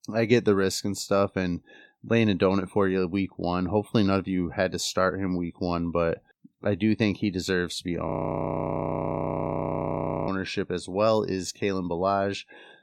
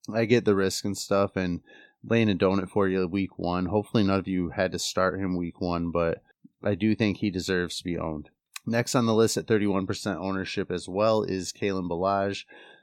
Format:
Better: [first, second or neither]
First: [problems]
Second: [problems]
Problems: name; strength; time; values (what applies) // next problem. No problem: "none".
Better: second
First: audio freezing; at 8 s for 2 s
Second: none